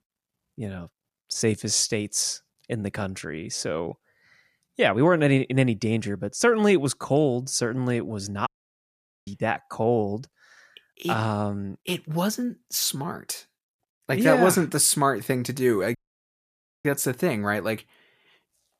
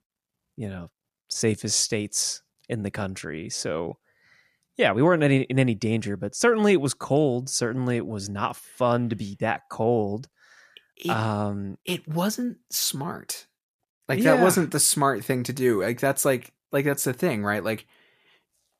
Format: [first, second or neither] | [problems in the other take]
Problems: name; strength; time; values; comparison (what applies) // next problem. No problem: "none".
second | audio cutting out; at 8.5 s for 1 s and at 16 s for 1 s